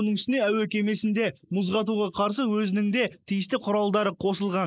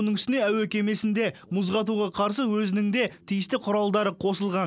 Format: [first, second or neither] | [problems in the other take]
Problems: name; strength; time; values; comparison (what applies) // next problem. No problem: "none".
second | noise reduction (neural mask model Resemble Enhance denoiser)